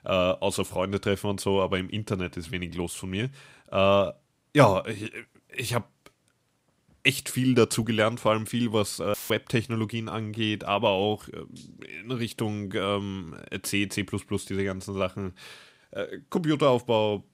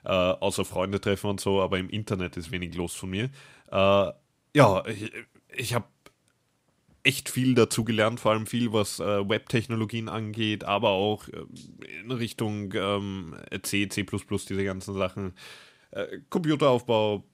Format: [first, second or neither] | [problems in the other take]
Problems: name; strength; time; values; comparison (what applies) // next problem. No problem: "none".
second | audio cutting out; filled with static; at 9 s